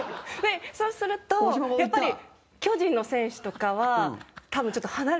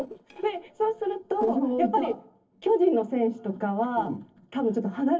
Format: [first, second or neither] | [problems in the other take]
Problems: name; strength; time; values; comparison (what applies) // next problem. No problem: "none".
first | noise reduction (neural separator model SepFormer DNS4)